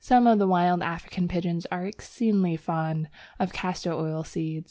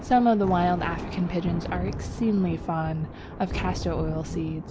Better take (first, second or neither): first